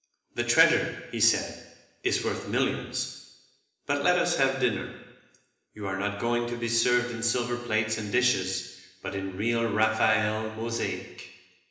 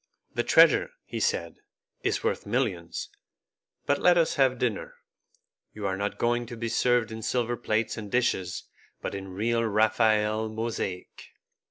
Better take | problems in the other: second | room echo; dies away in 1 s

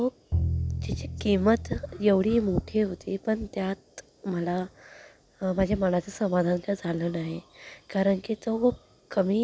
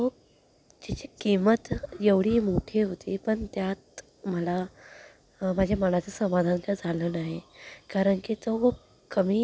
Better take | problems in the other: second | background sound (Bowed string instrument); 5 dB below the speech

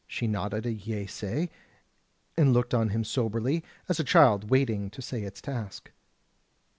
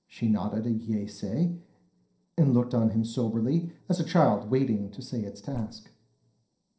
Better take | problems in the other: first | noise reduction (neural separator model SepFormer DNS4)

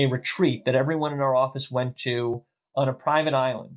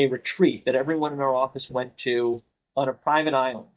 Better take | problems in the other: first | noise reduction (neural mask model DeepFilterNet 3)

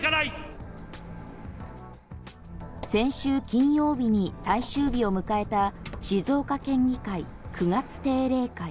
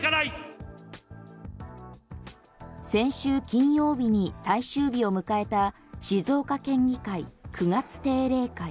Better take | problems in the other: second | background sound (Squeak); 14 dB below the speech

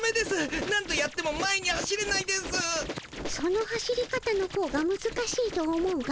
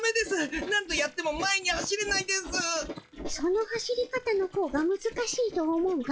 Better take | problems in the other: first | noise reduction (classical method log-MMSE)

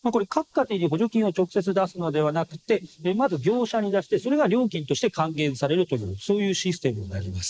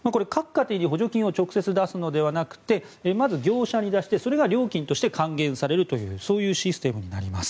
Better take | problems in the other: second | noise reduction (neural mask model Resemble Enhance denoiser)

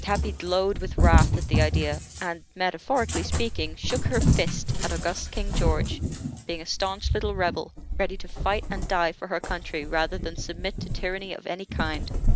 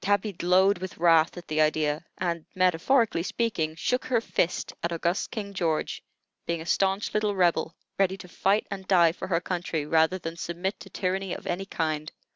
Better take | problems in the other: second | background sound (Cat); 2 dB above the speech

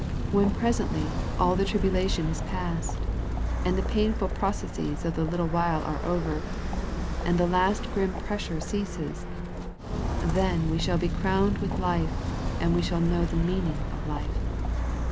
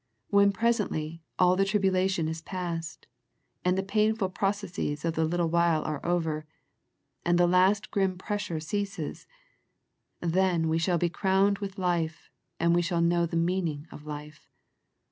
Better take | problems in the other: second | background sound (Walk, footsteps); as loud as the speech

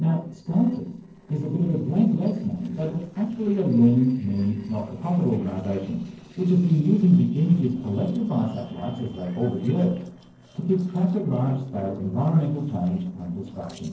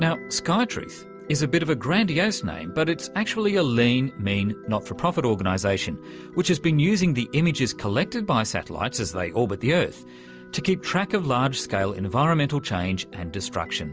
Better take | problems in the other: second | noise reduction (neural separator model SepFormer DNS4)

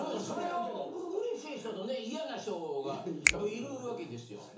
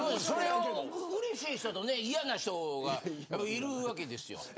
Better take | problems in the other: second | background sound (Finger snapping); 2 dB above the speech // room echo; dies away in 0.8 s

